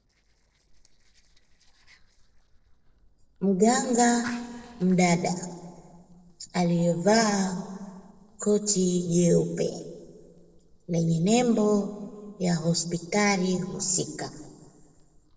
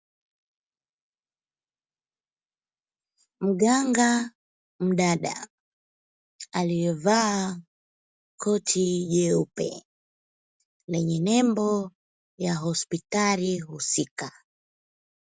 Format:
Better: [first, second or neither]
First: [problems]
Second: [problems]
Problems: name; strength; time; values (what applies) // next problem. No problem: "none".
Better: second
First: noise reduction (neural separator model SepFormer DNS4)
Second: none